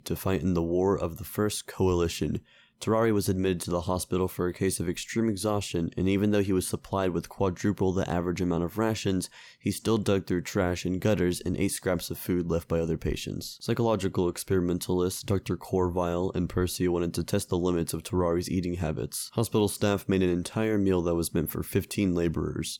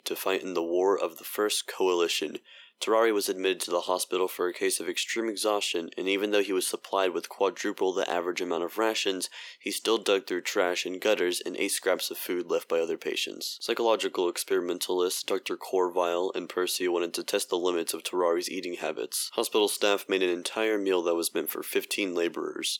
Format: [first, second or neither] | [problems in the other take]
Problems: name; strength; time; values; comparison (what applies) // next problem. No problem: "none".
first | thin; somewhat; fading below 350 Hz